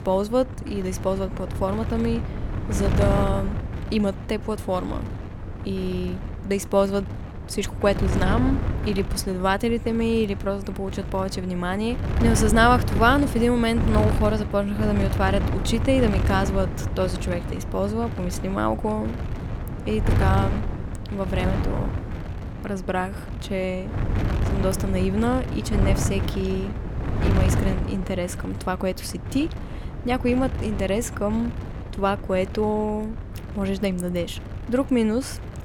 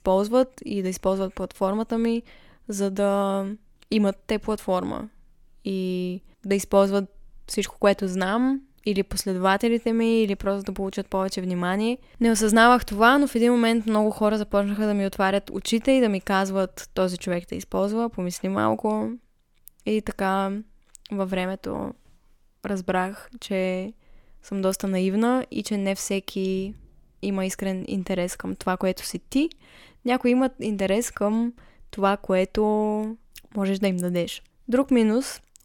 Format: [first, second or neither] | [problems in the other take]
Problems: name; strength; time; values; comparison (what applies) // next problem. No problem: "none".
second | wind noise on the microphone; heavy; 9 dB below the speech